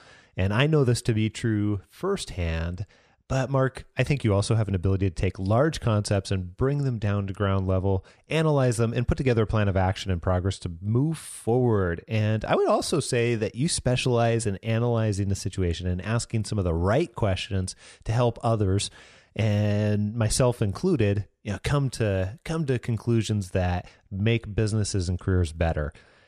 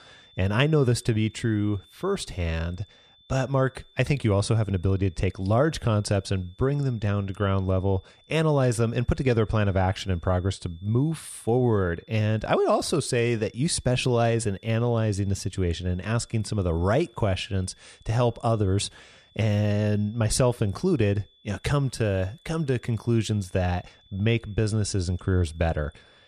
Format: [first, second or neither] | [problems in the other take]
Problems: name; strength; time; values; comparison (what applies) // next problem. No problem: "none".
first | high-pitched whine; faint; throughout; 3.5 kHz, 30 dB below the speech